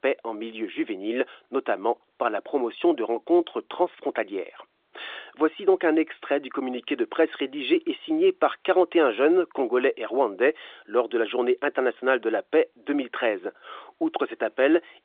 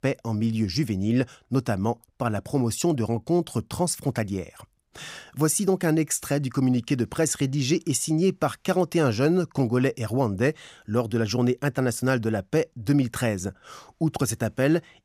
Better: second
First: phone-call audio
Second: none

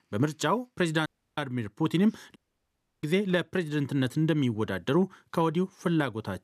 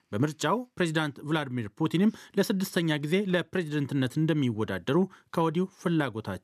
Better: second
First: audio cutting out; at 1 s and at 2.5 s for 0.5 s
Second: none

